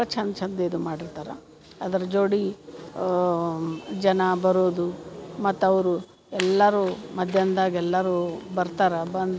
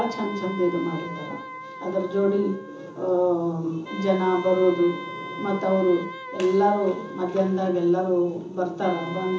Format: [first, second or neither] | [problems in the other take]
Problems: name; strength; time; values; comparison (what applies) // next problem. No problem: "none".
first | background sound (Wind instrument, woodwind instrument); 14 dB below the speech // room echo; dies away in 0.7 s